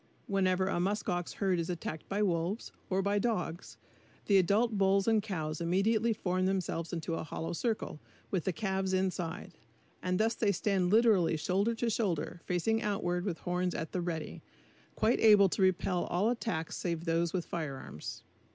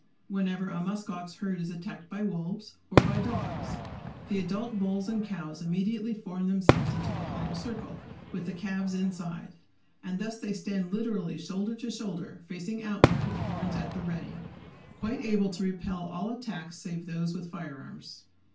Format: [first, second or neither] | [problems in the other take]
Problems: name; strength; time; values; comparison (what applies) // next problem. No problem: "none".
first | background sound (Fireworks); 2 dB above the speech // room echo; dies away in 0.2 s